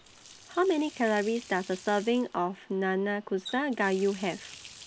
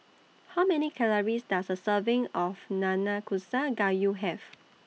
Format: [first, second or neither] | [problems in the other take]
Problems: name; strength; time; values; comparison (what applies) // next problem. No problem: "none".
second | background sound (Water tap, faucet); 19 dB below the speech